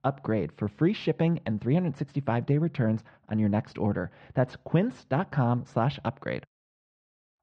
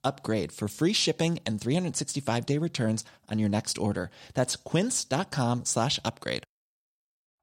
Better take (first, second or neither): second